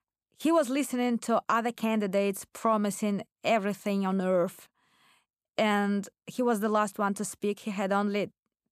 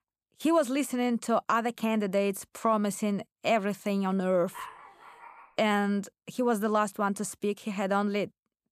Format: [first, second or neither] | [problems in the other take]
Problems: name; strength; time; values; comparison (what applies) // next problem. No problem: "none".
first | dog barking; faint; at 4.5 s; peak 15 dB below the speech